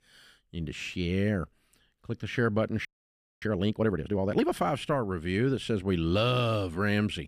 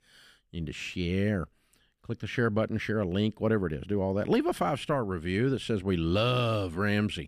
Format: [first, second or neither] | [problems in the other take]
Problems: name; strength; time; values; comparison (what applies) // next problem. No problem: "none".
second | audio freezing; at 3 s for 0.5 s